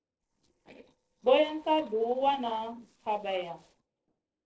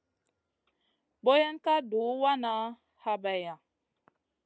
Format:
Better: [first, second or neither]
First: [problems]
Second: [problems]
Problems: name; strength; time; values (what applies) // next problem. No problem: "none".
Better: second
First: noise reduction (neural separator model SepFormer DNS4)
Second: none